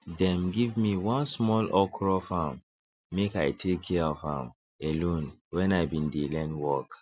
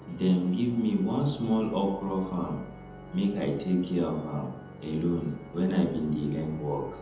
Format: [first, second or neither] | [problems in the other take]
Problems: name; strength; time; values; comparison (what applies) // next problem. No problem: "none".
first | background sound (Organ); 16 dB below the speech // room echo; dies away in 0.8 s